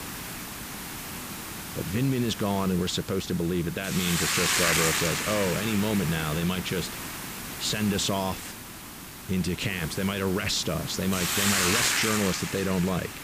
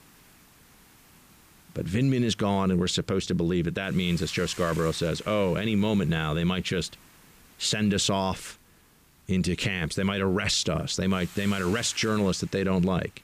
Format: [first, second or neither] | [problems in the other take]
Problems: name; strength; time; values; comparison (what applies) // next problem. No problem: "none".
second | hiss; loud; throughout; 1 dB below the speech; faint in the second